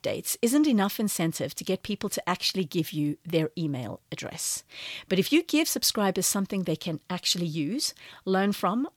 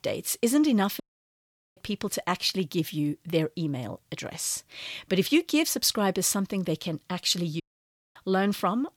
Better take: first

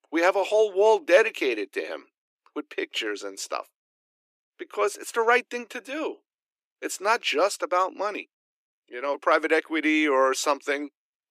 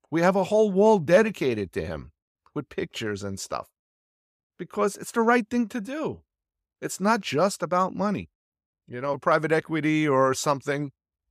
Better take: second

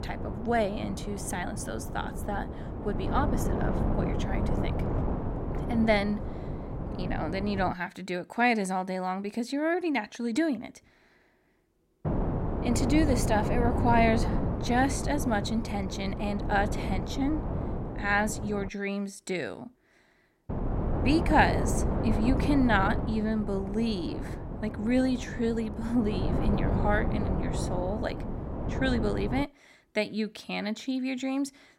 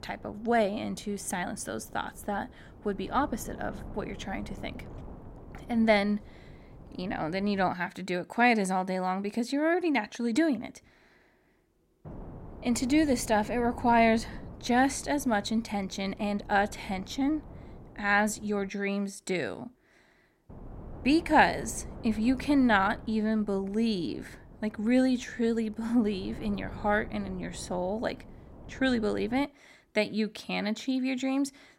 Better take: second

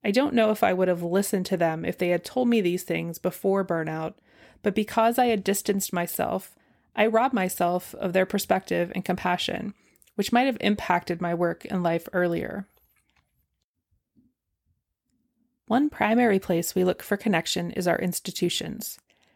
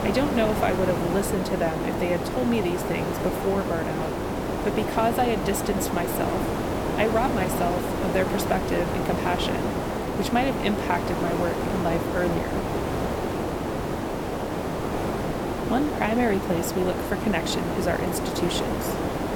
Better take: first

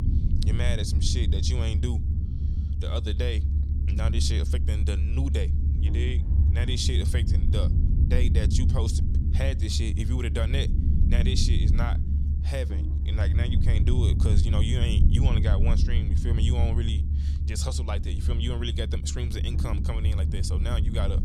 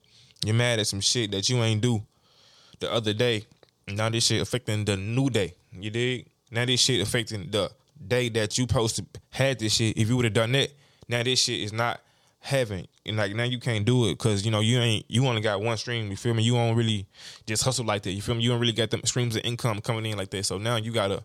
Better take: second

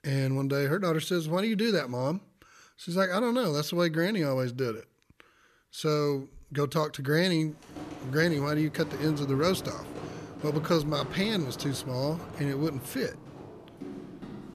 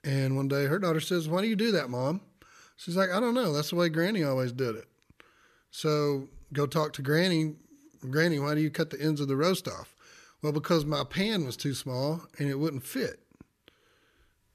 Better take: second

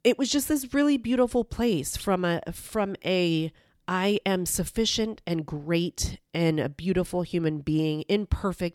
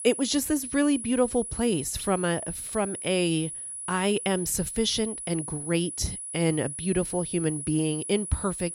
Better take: first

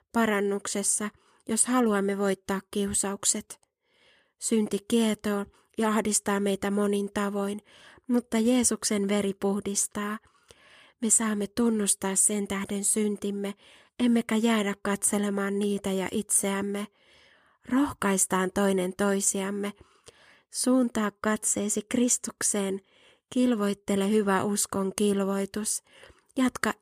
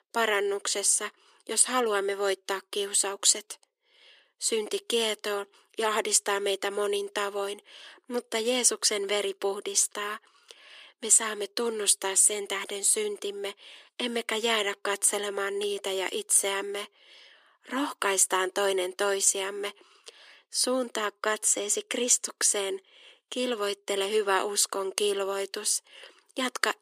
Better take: first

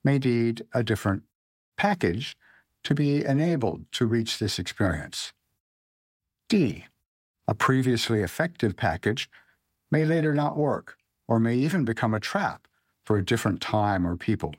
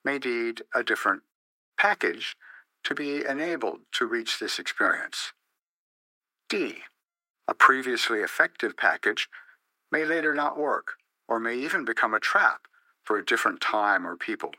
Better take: first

